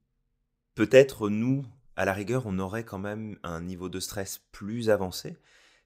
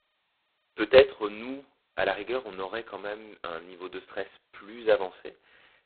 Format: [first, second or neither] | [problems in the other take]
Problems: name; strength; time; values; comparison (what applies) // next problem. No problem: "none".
first | phone-call audio; poor line; nothing above 4 kHz